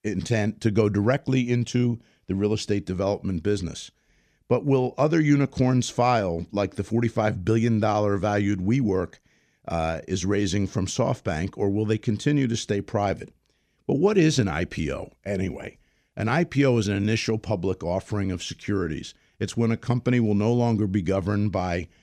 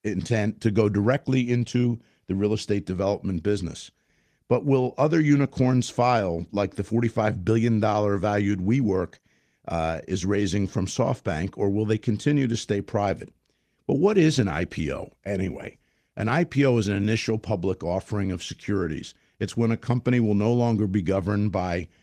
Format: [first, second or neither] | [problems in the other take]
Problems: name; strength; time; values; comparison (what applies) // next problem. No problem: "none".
first | garbled, watery; slightly; nothing above 14.5 kHz